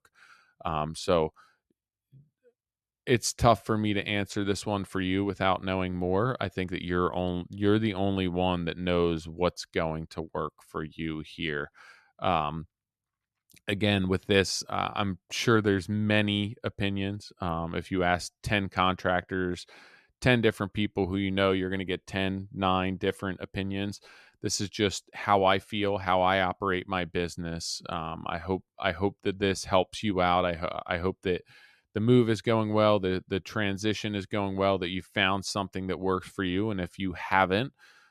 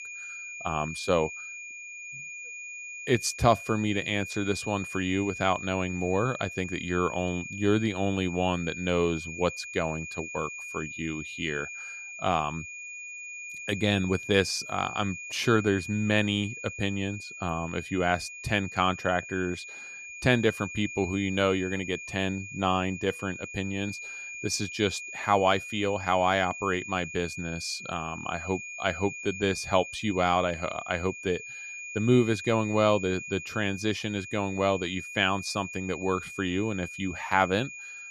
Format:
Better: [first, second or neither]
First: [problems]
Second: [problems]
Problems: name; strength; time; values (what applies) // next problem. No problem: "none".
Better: first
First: none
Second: high-pitched whine; loud; throughout; 2.5 kHz, 9 dB below the speech